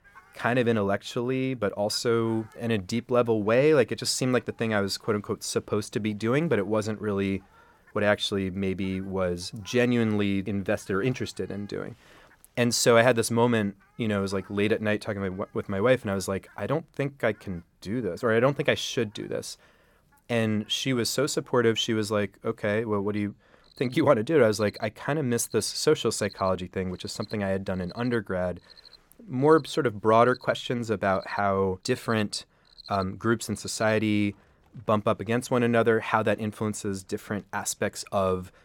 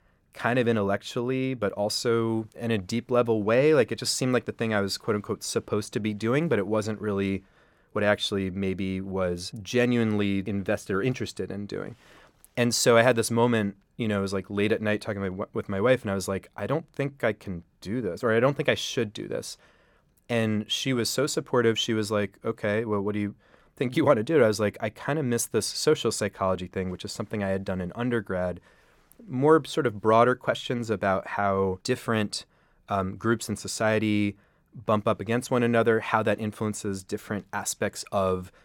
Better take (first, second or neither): second